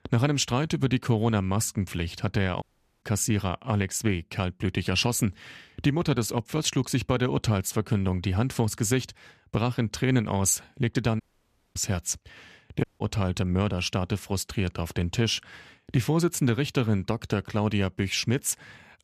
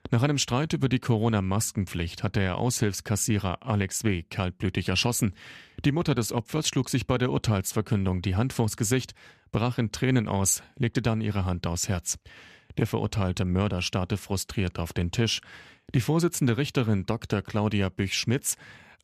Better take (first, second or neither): second